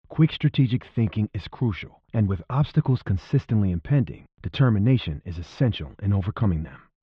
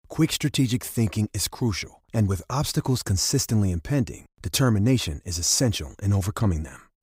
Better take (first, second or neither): second